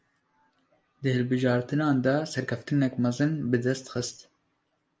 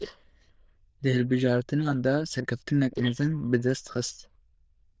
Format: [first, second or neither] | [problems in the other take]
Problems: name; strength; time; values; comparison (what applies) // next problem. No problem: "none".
first | noise reduction (neural diffusion model UNIVERSE++)